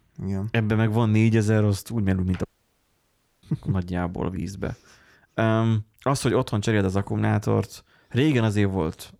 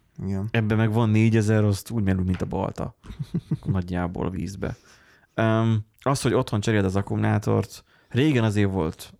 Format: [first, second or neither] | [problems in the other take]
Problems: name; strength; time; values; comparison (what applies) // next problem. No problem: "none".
second | audio cutting out; at 2.5 s for 1 s